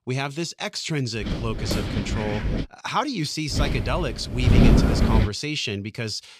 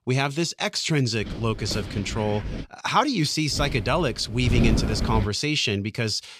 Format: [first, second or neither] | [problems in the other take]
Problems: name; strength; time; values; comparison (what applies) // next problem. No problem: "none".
second | wind noise on the microphone; heavy; from 1 to 2.5 s and from 3.5 to 5 s; 2 dB below the speech; occasional gusts in the second